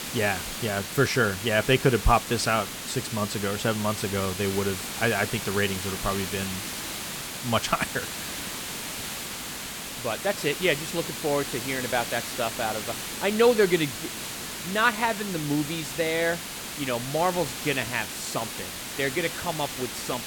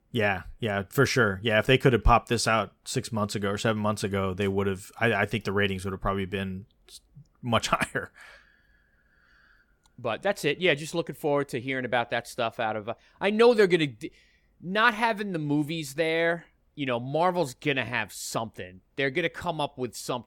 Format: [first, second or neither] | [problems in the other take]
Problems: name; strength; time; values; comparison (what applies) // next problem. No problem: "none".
second | hiss; loud; throughout; 6 dB below the speech